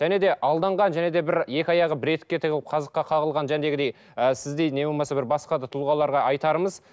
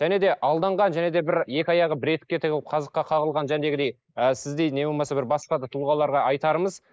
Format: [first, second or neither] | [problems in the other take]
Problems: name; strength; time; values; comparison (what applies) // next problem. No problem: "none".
first | noise reduction (neural mask model Resemble Enhance denoiser)